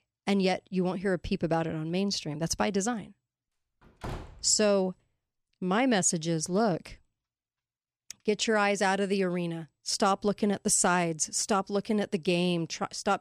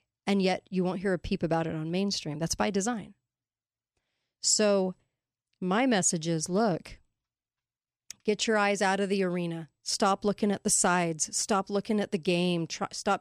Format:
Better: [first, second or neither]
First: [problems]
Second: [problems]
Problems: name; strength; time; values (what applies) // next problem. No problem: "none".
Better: second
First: door banging; faint; at 4 s; peak 10 dB below the speech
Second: none